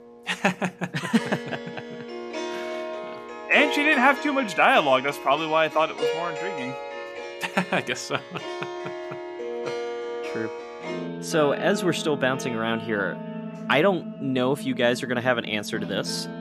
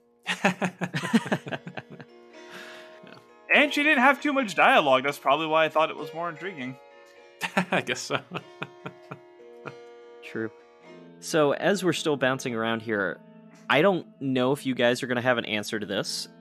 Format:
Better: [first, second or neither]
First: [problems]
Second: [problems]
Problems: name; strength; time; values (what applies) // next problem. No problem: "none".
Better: second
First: background music; loud; throughout; 10 dB below the speech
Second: background music; faint; throughout; 25 dB below the speech